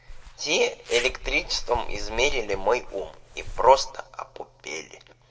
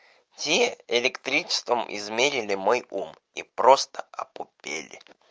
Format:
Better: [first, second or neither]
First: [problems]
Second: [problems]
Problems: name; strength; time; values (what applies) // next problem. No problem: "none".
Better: second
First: background sound (Zipper (clothing)); 9 dB below the speech // room echo; dies away in 0.5 s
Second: none